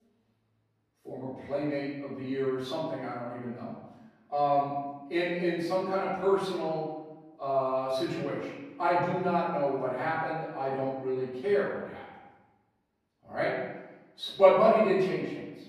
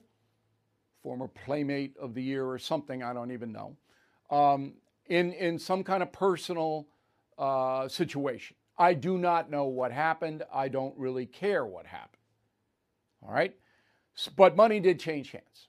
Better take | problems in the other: second | off-mic speech; far // room echo; noticeable; dies away in 1.1 s

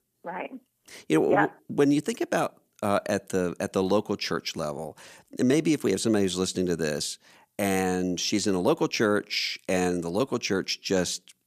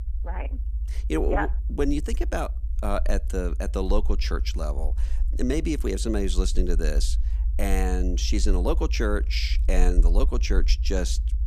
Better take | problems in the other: first | low rumble; noticeable; throughout; 20 dB below the speech

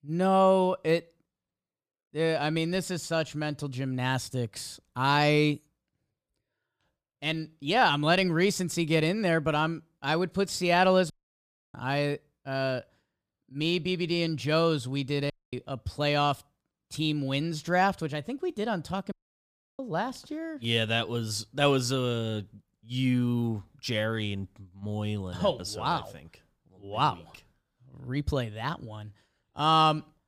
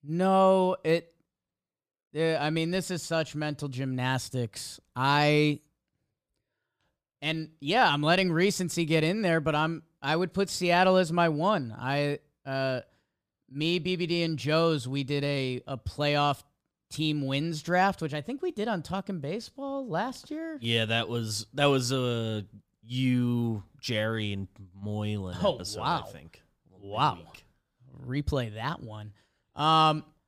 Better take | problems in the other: second | audio cutting out; at 11 s for 0.5 s, at 15 s and at 19 s for 0.5 s

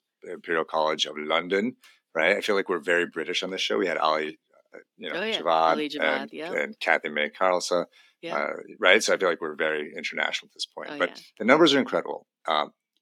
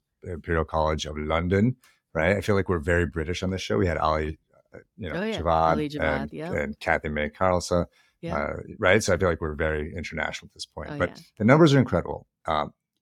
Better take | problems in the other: second | thin; somewhat; fading below 250 Hz

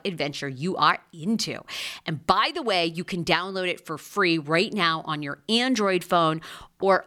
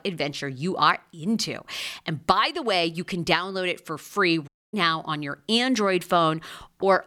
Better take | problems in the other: first | audio cutting out; at 4.5 s

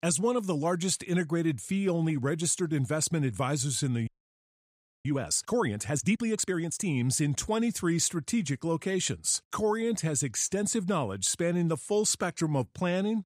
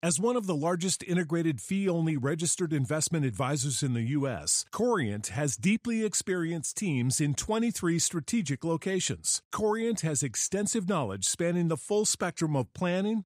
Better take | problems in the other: second | audio freezing; at 4 s for 1 s

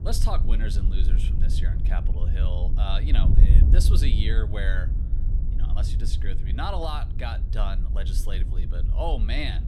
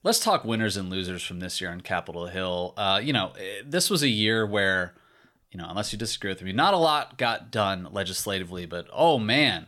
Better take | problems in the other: second | wind noise on the microphone; heavy; 7 dB below the speech

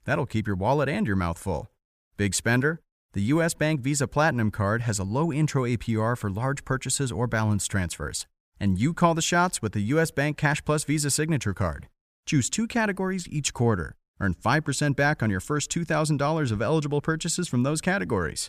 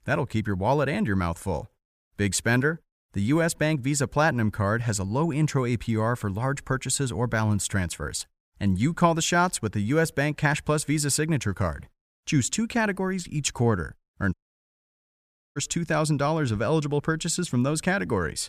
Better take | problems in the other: first | audio cutting out; at 14 s for 1 s

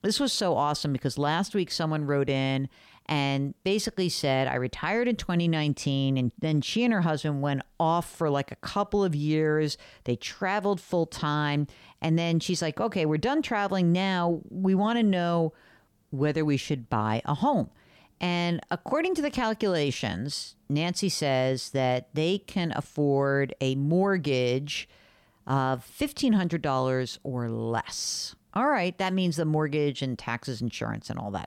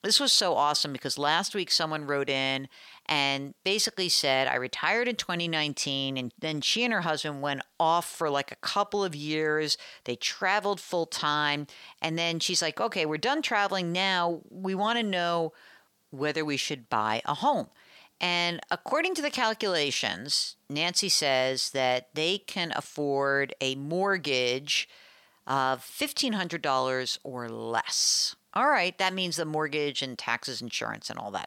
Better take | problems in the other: first | thin; somewhat; fading below 1 kHz

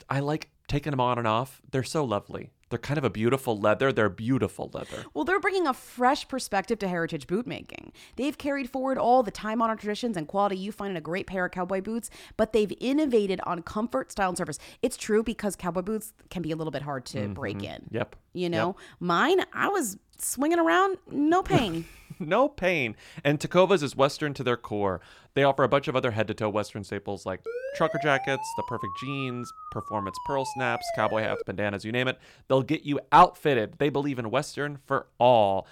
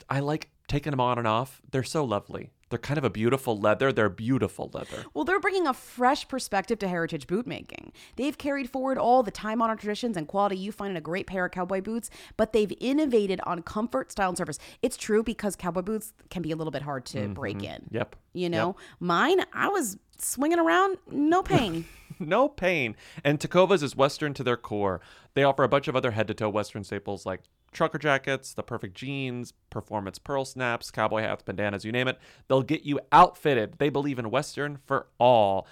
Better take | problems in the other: second | siren; noticeable; from 27 to 31 s; peak 7 dB below the speech

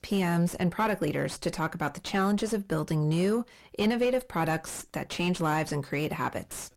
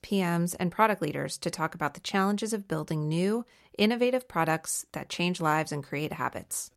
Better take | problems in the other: second | distortion; heavy; 7 dB below the speech

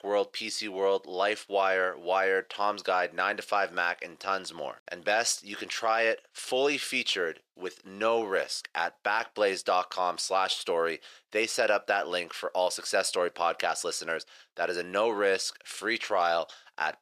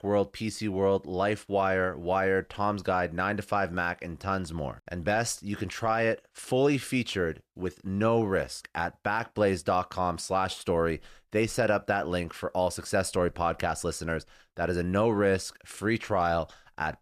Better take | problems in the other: second | thin; somewhat; fading below 500 Hz

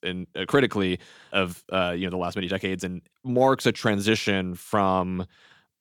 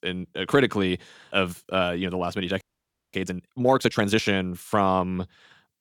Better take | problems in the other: first | audio freezing; at 2.5 s for 0.5 s

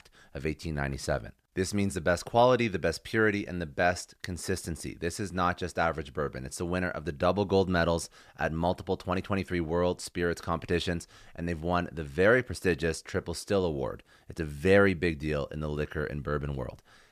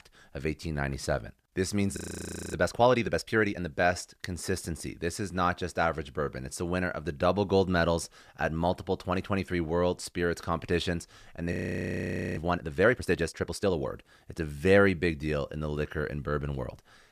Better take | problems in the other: first | audio freezing; at 2 s for 0.5 s and at 12 s for 1 s

